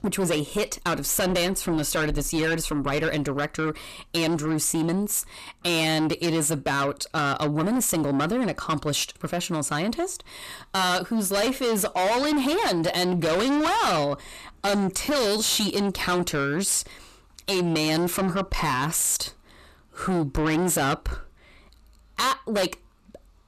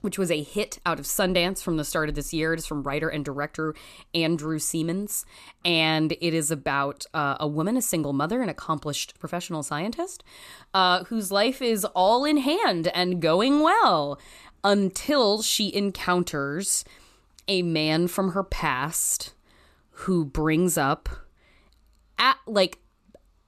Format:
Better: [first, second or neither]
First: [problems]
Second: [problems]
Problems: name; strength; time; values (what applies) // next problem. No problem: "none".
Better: second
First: distortion; heavy; 6 dB below the speech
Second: none